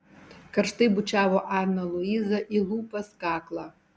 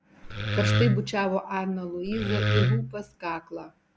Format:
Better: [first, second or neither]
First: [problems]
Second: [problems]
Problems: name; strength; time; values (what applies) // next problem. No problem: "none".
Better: first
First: none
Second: background sound (Wood); 4 dB above the speech